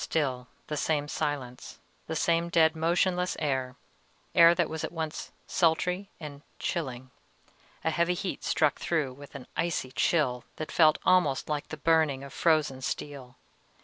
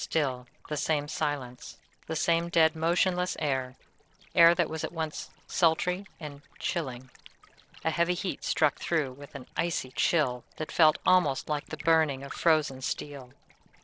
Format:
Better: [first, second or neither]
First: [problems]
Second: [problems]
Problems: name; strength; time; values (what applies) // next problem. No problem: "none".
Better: first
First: none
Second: noise reduction (neural separator model SepFormer DNS4)